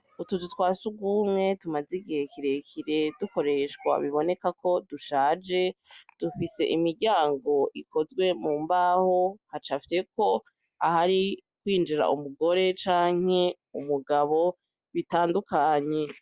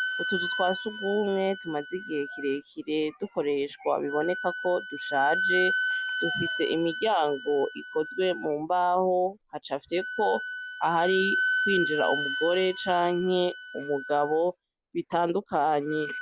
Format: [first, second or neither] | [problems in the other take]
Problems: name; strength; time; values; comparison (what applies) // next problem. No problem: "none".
first | background sound (Wind instrument, woodwind instrument); 5 dB below the speech